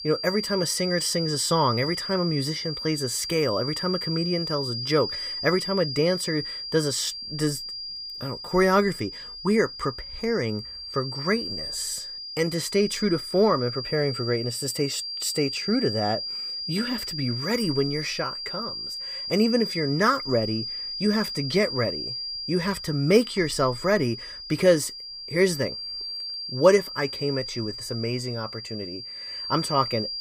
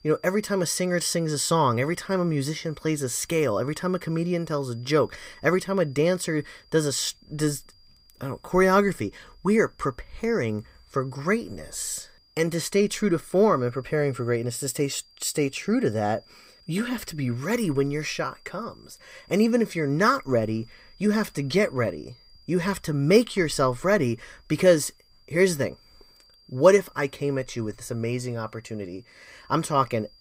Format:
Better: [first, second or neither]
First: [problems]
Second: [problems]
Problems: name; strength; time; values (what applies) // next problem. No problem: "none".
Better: second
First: high-pitched whine; loud; throughout; 5 kHz, 5 dB below the speech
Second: high-pitched whine; faint; throughout; 5 kHz, 30 dB below the speech